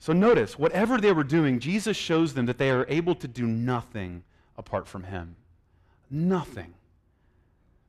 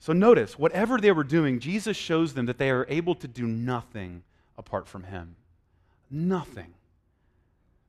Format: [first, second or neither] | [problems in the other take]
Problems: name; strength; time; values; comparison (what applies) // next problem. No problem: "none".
second | distortion; slight; 10 dB below the speech